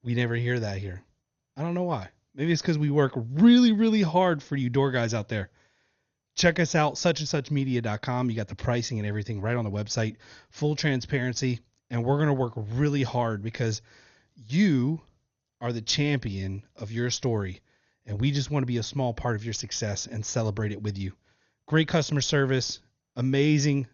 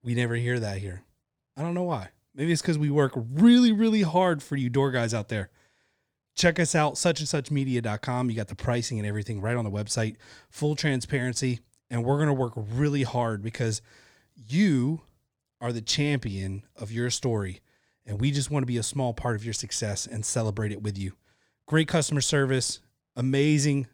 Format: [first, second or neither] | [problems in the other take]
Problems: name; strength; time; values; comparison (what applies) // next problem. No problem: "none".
second | garbled, watery; slightly; nothing above 6.5 kHz